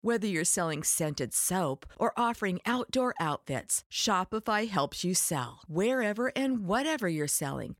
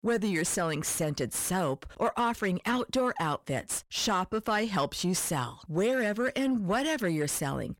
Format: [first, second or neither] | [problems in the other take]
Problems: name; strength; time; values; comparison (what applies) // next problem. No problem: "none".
first | distortion; slight; 9 dB below the speech